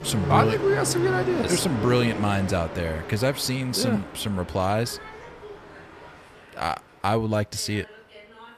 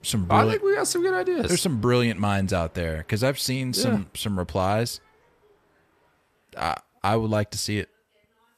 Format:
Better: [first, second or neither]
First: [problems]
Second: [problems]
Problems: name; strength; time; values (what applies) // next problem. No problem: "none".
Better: second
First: train or aircraft noise; loud; throughout; 8 dB below the speech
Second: train or aircraft noise; faint; throughout; 30 dB below the speech